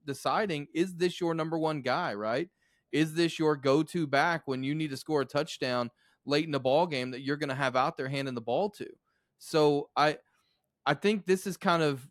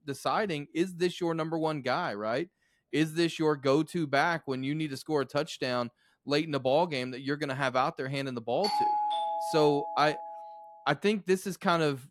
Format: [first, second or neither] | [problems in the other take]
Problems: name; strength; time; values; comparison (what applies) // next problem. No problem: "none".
first | doorbell; loud; from 8.5 to 11 s; peak 2 dB above the speech